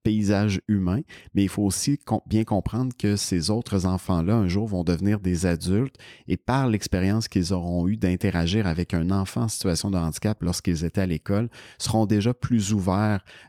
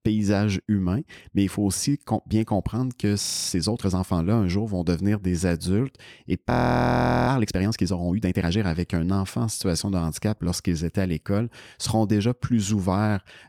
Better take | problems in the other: first | audio freezing; at 3 s and at 6.5 s for 1 s

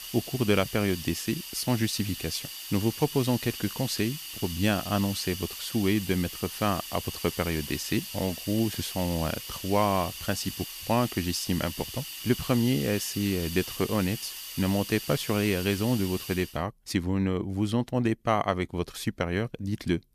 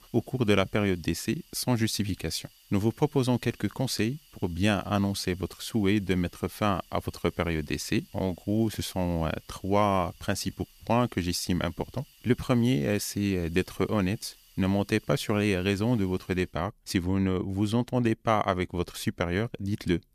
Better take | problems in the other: second | hiss; loud; until 16 s; 8 dB below the speech; faint in the second

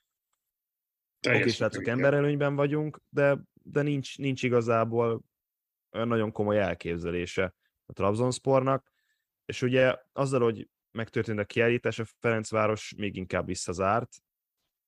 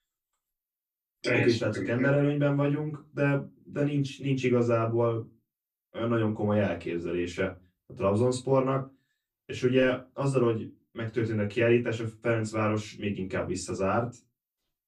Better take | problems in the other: first | off-mic speech; far // room echo; very slight; dies away in 0.2 s

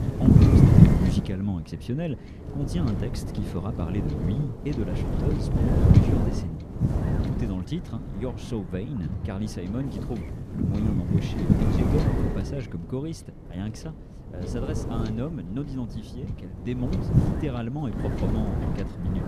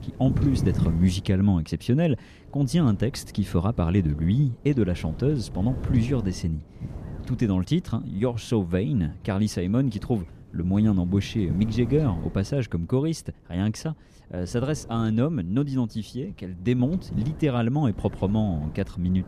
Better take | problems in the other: second | wind noise on the microphone; heavy; 5 dB above the speech; occasional gusts in the second

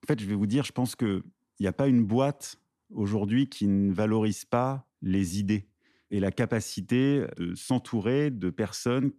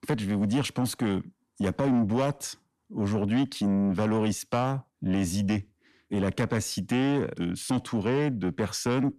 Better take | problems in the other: first | distortion; slight; 10 dB below the speech

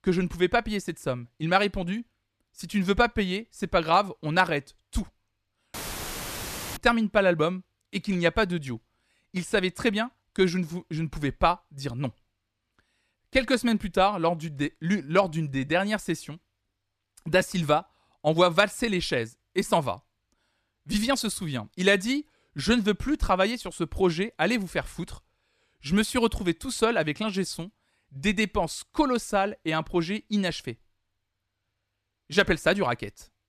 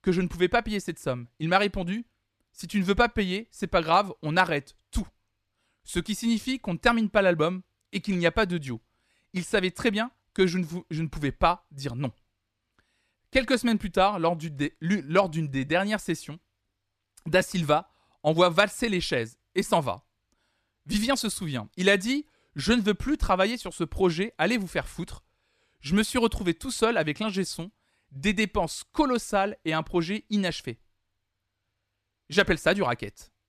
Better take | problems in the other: second | audio cutting out; filled with static; at 5.5 s for 1 s

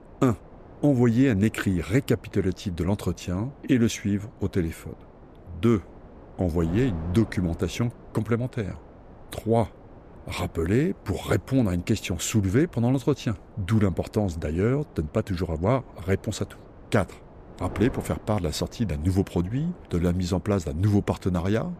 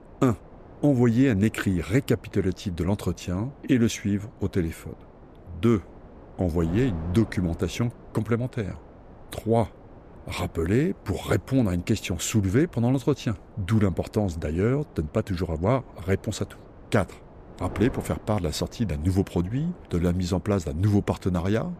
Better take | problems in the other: neither | wind noise on the microphone; occasional gusts; 20 dB below the speech; the same in both

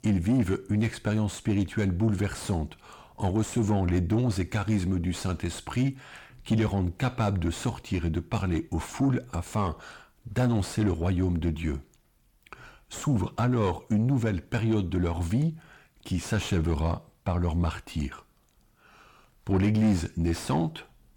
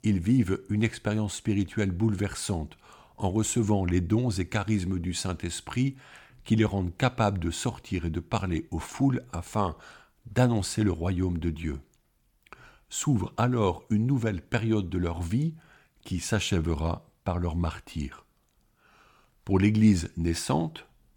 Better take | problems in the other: second | distortion; slight; 10 dB below the speech

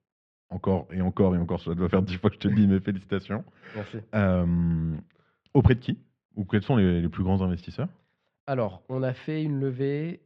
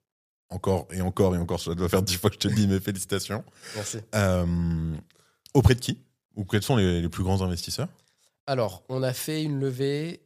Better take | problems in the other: second | muffled; very; fading above 3 kHz

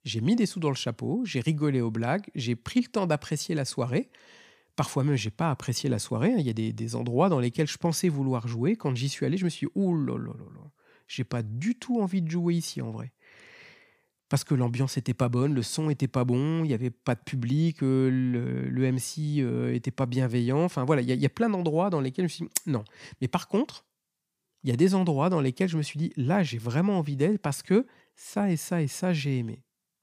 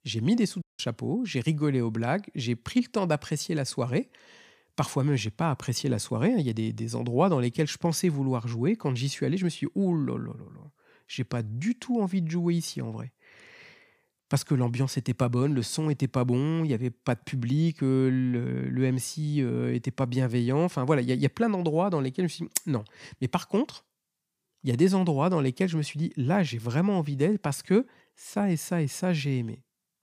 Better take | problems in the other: first | audio cutting out; at 0.5 s

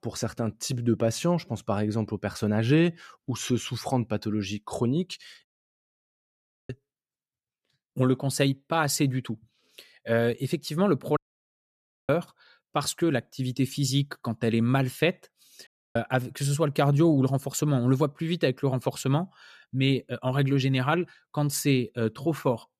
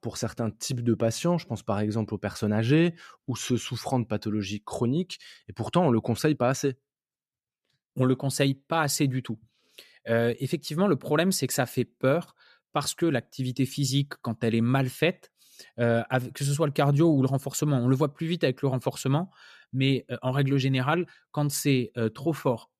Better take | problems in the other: second | audio cutting out; at 5.5 s for 1 s, at 11 s for 1 s and at 16 s

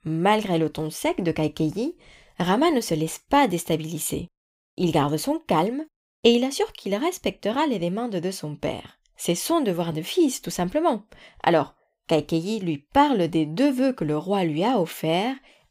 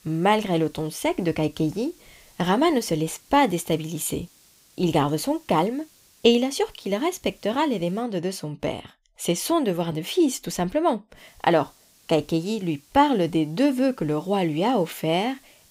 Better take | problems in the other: first | hiss; faint; until 8 s and from 11 s on; 30 dB below the speech

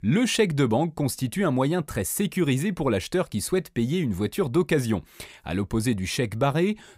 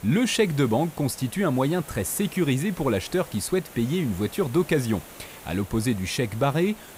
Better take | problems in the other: first | hiss; noticeable; throughout; 20 dB below the speech

